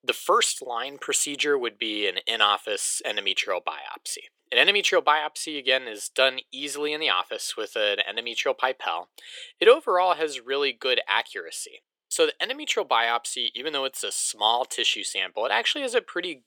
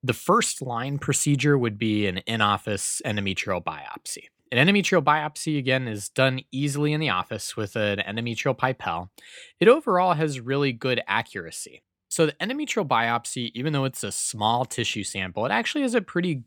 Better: second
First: thin; very; fading below 400 Hz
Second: none

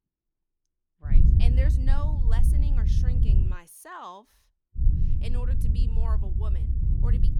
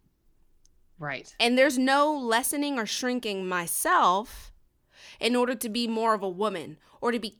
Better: second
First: low rumble; loud; from 1 to 3.5 s and from 5 s on; as loud as the speech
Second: none

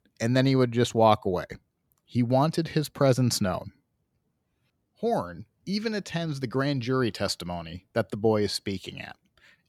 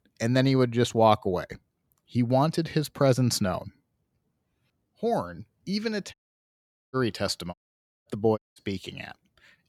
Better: first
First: none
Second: audio cutting out; at 6 s for 1 s, at 7.5 s for 0.5 s and at 8.5 s

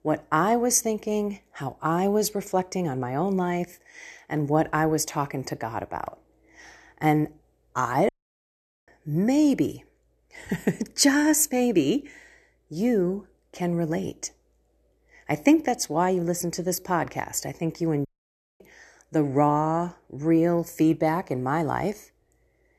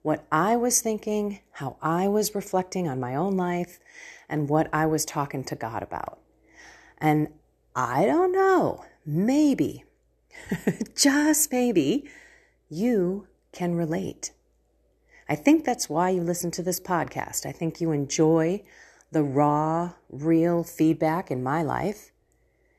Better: second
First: audio cutting out; at 8 s for 1 s and at 18 s for 0.5 s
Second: none

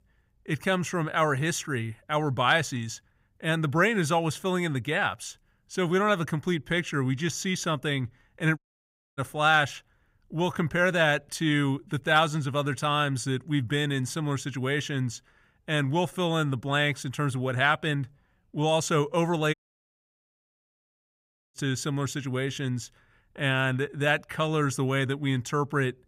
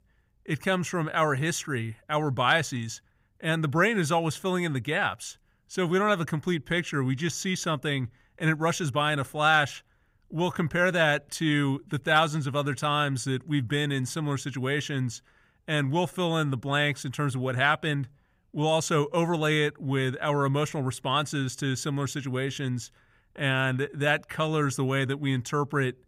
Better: second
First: audio cutting out; at 8.5 s for 0.5 s and at 20 s for 2 s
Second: none

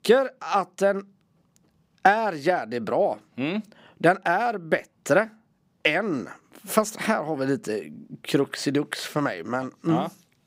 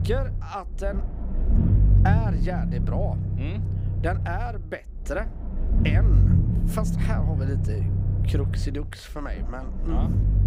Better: first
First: none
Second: low rumble; loud; throughout; 4 dB below the speech

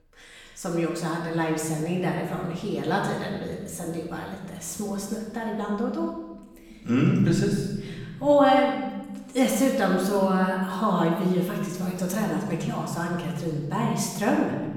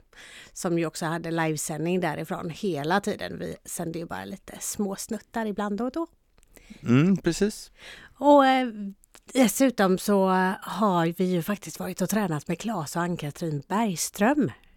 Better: second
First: off-mic speech; far // room echo; noticeable; dies away in 1.3 s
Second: none

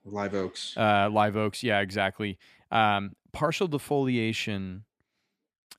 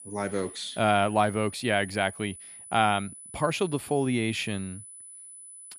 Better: first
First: none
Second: high-pitched whine; noticeable; throughout; 10 kHz, 15 dB below the speech

